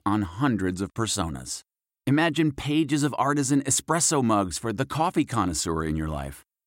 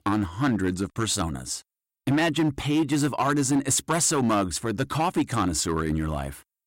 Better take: first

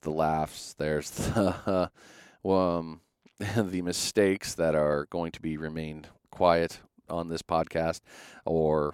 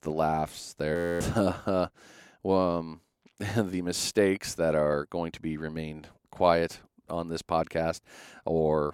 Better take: first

